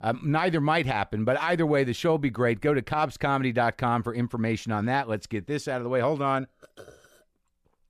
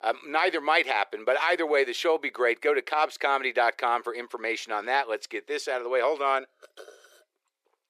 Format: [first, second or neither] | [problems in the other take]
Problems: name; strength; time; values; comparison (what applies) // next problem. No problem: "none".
first | thin; very; fading below 350 Hz